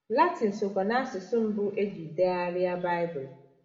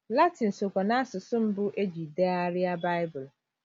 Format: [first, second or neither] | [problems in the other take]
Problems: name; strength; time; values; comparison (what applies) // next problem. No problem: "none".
second | room echo; dies away in 0.7 s